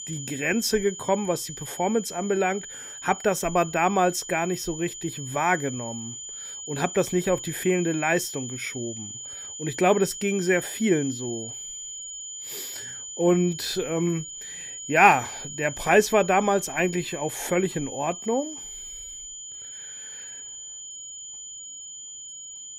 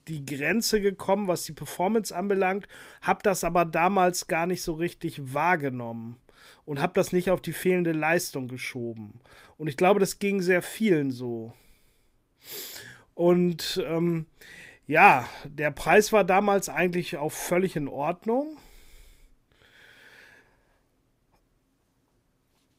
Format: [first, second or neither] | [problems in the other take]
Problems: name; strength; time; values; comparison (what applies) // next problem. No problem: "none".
second | high-pitched whine; noticeable; throughout; 7 kHz, 10 dB below the speech